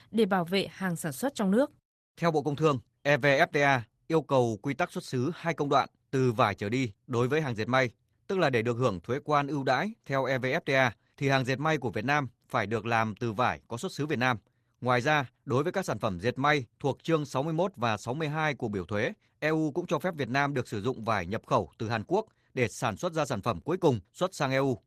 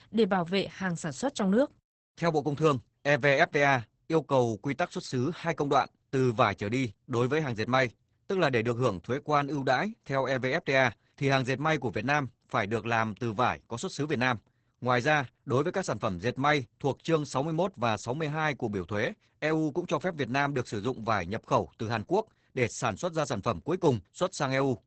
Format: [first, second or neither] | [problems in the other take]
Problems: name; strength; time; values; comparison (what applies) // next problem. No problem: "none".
first | garbled, watery; badly; nothing above 8 kHz; slightly in the first